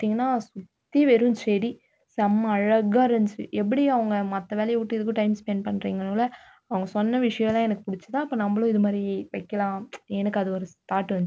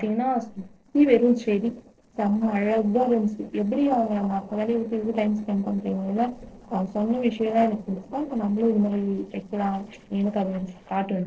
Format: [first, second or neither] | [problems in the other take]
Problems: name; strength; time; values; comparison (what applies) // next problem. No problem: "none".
first | noise reduction (neural separator model SepFormer DNS4)